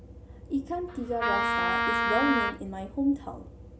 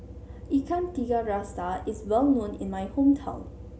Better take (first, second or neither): second